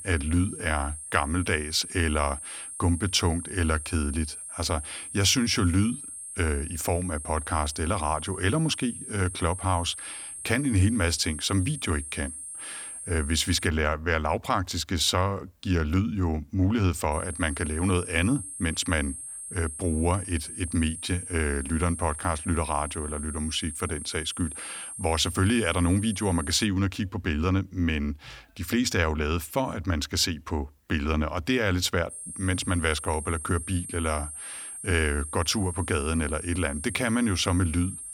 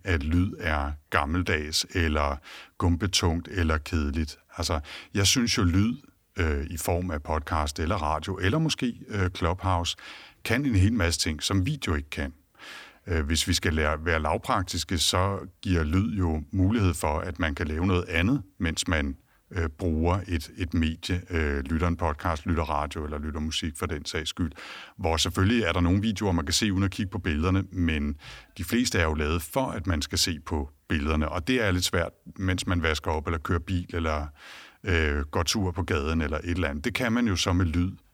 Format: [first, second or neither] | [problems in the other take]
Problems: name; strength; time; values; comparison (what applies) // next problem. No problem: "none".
second | high-pitched whine; loud; until 14 s, from 17 to 27 s and from 32 s on; 8.5 kHz, 9 dB below the speech